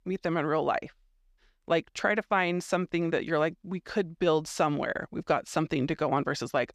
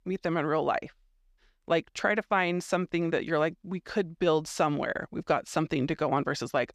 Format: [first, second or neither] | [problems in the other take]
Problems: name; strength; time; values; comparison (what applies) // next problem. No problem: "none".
neither | none